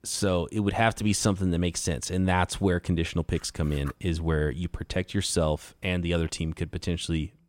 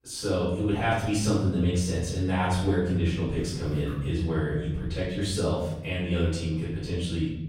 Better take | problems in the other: first | room echo; noticeable; dies away in 1.1 s // off-mic speech; far

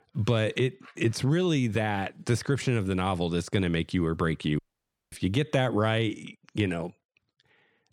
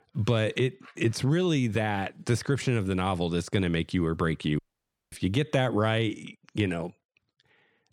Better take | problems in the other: neither | audio cutting out; at 4.5 s for 0.5 s; the same in both

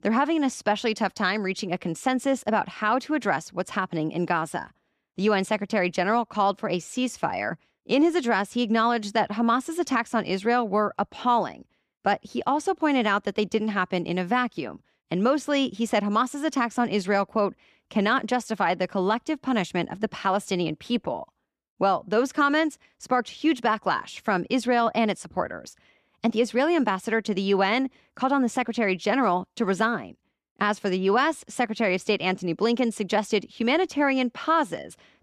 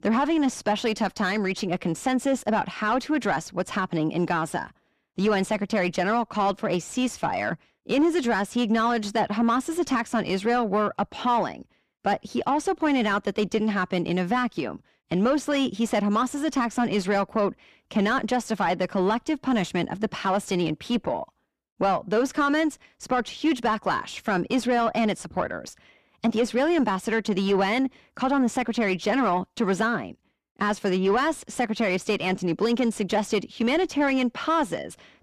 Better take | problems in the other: first | distortion; slight; 10 dB below the speech

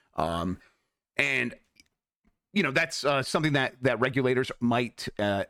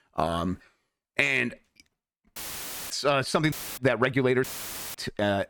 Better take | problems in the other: first | audio cutting out; filled with static; at 2.5 s for 0.5 s, at 3.5 s and at 4.5 s for 0.5 s

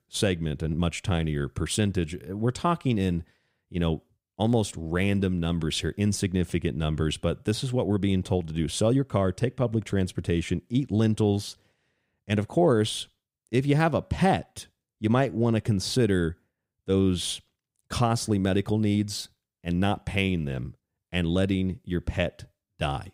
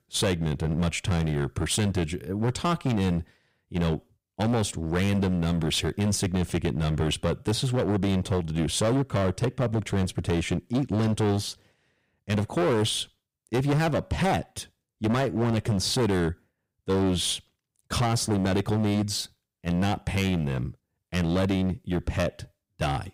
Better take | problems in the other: first | distortion; heavy; 15% of the sound clipped

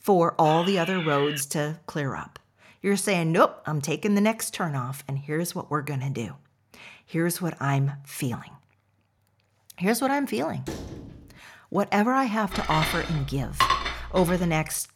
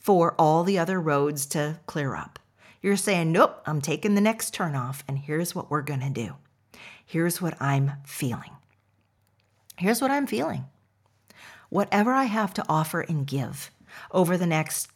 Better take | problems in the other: second | alarm; noticeable; at 0.5 s; peak 6 dB below the speech // door banging; faint; at 11 s; peak 10 dB below the speech // clattering dishes; loud; from 13 to 14 s; peak 3 dB above the speech

